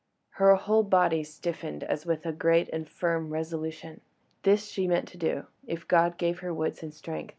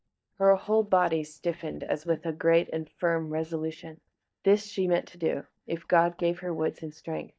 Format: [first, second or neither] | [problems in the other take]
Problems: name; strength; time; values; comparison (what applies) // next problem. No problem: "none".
first | noise reduction (neural mask model DeepFilterNet 3)